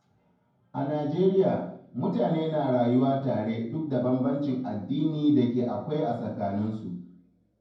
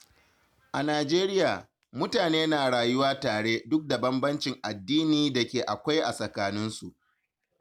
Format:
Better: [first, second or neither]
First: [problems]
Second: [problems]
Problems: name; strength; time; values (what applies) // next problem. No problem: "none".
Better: second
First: room echo; dies away in 0.9 s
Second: none